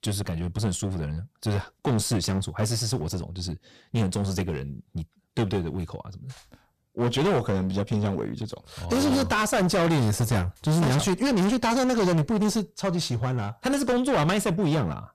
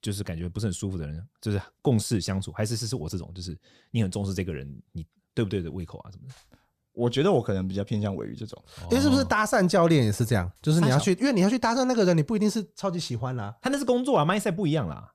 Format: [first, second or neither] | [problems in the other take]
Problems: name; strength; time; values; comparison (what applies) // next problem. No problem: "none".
second | distortion; heavy; 21% of the sound clipped